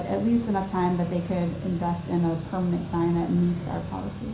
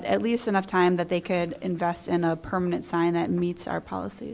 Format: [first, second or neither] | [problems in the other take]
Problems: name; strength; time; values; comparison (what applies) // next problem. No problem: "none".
second | background sound (Mechanical fan); 10 dB below the speech // room echo; dies away in 0.5 s